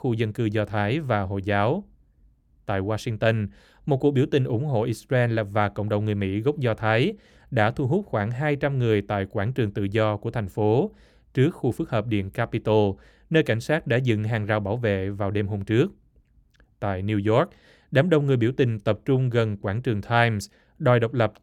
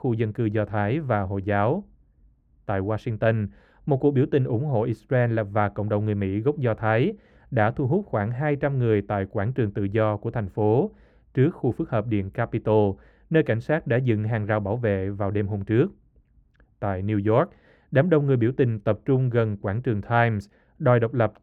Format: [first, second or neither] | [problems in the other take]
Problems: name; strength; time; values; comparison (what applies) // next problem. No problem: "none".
first | muffled; slightly; fading above 3 kHz